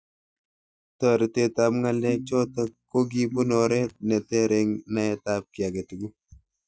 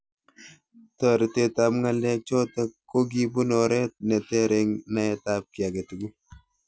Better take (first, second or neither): second